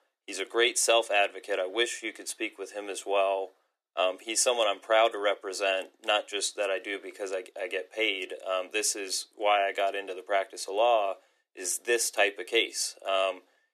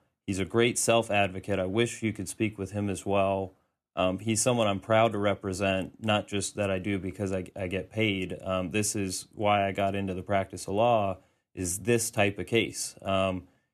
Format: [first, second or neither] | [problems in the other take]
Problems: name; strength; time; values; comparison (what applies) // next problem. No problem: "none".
second | thin; very; fading below 350 Hz